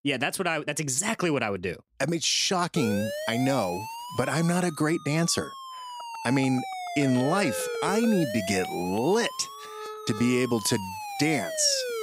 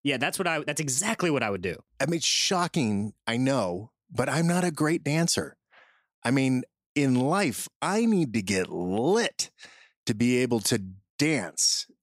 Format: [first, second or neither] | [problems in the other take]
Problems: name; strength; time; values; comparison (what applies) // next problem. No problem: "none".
second | siren; noticeable; from 3 s on; peak 4 dB below the speech